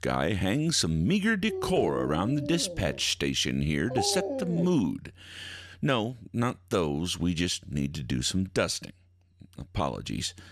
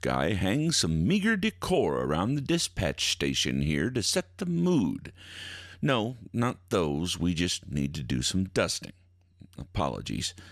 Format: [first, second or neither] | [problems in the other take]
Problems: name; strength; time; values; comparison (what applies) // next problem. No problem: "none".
second | dog barking; noticeable; from 1.5 to 4.5 s; peak 3 dB below the speech